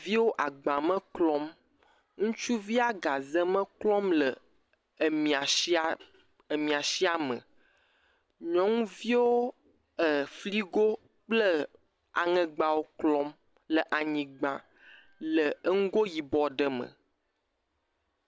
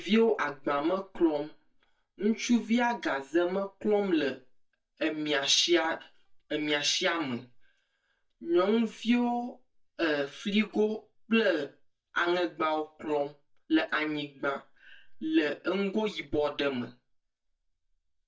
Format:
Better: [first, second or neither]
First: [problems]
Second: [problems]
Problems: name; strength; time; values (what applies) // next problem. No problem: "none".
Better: first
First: none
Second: noise reduction (neural mask model DeepFilterNet 3)